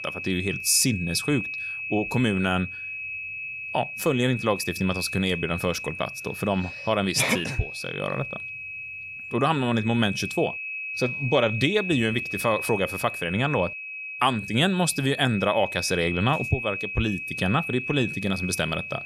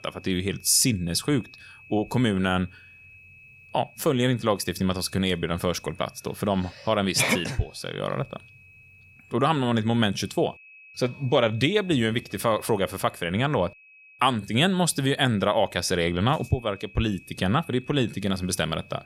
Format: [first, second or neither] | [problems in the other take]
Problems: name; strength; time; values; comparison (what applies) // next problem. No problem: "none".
second | high-pitched whine; loud; throughout; 2.5 kHz, 6 dB below the speech; faint in the second